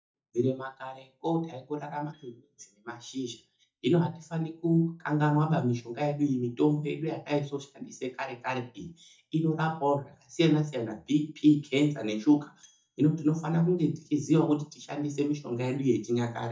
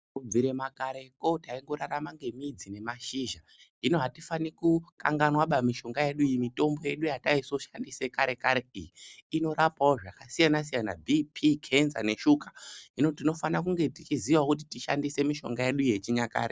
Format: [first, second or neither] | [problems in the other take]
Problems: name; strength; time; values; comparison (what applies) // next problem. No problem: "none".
second | noise reduction (neural mask model DeepFilterNet 3)